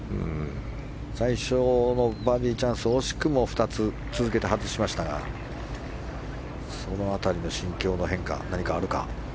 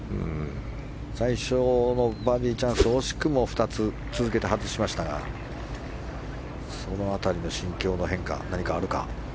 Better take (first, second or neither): first